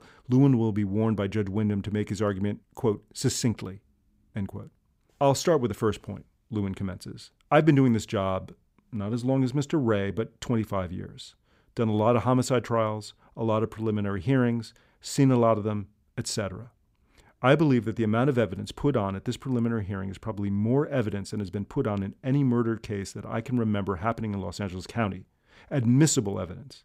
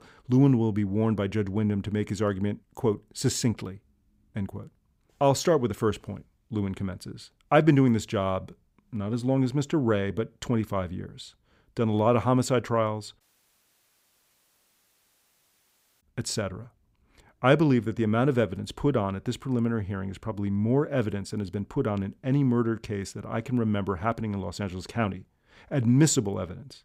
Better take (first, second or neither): first